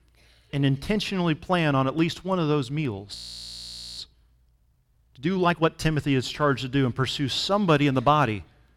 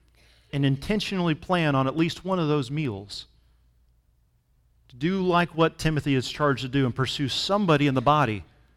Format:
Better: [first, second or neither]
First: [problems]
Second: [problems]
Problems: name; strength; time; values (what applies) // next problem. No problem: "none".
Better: second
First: audio freezing; at 3 s for 1 s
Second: none